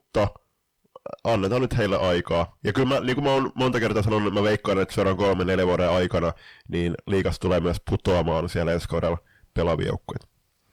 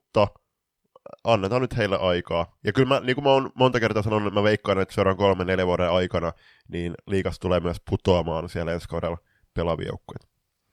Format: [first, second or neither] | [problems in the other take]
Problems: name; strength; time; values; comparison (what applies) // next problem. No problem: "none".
second | distortion; heavy; 6 dB below the speech